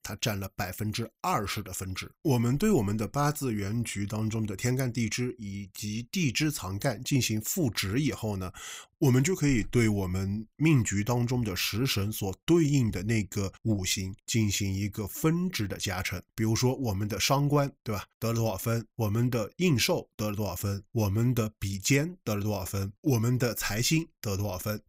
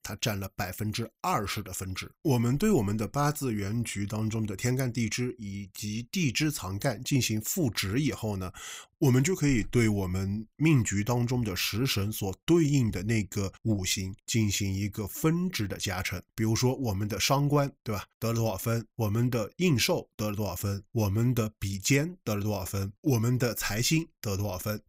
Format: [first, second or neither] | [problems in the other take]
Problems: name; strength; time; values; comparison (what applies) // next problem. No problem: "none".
neither | none